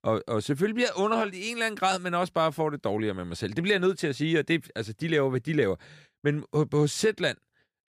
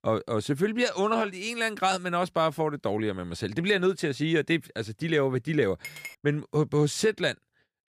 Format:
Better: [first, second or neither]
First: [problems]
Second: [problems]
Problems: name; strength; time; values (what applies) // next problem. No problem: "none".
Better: first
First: none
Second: clattering dishes; faint; at 6 s; peak 10 dB below the speech